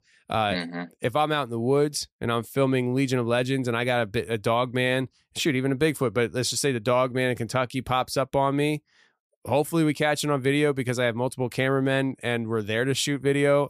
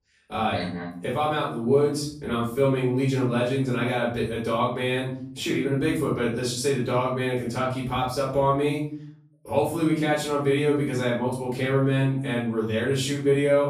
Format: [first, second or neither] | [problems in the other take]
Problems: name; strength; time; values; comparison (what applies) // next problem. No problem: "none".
first | off-mic speech; far // room echo; noticeable; dies away in 0.6 s